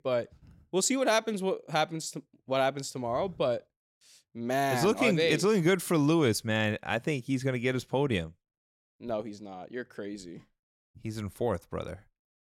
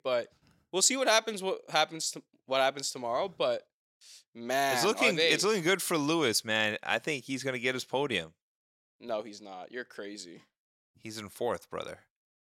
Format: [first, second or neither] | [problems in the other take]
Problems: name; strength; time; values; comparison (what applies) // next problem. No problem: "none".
first | thin; very slightly; fading below 1 kHz